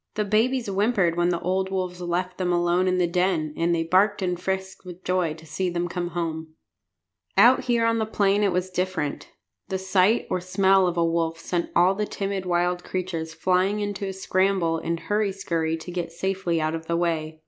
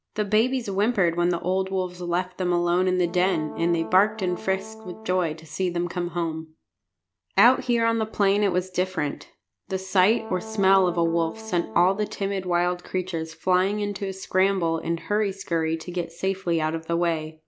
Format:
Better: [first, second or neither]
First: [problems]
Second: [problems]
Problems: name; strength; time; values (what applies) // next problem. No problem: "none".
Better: first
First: none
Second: background sound (Brass instrument); 14 dB below the speech